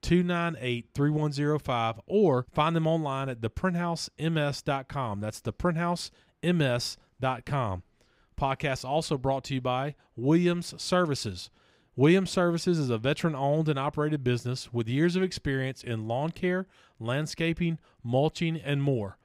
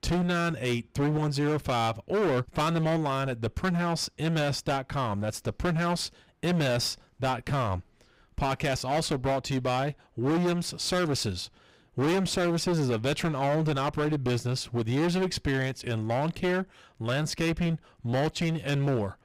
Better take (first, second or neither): first